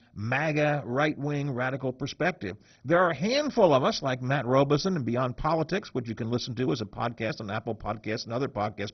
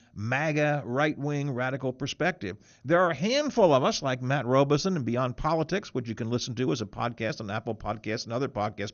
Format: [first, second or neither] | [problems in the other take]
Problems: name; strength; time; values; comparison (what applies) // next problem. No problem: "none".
second | garbled, watery; badly; nothing above 6 kHz; slightly in the second